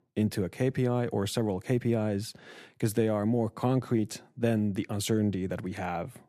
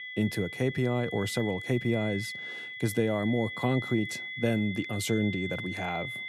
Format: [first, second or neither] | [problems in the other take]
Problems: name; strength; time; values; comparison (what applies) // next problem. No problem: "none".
first | high-pitched whine; loud; throughout; 2 kHz, 7 dB below the speech